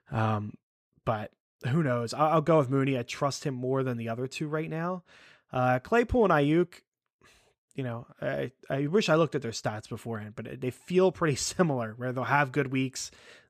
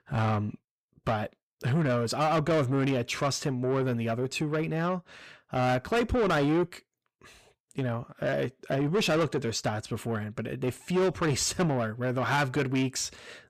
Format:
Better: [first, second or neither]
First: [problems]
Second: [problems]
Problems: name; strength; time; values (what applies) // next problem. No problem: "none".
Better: first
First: none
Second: distortion; heavy; 8 dB below the speech